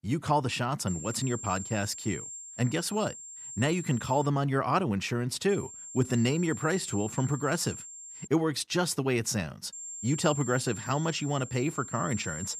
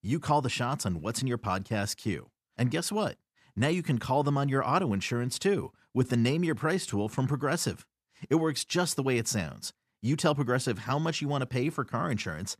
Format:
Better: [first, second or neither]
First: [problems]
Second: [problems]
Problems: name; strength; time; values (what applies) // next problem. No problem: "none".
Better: second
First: high-pitched whine; noticeable; from 1 to 4.5 s, from 5.5 to 8.5 s and from 9.5 s on; 7.5 kHz, 10 dB below the speech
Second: none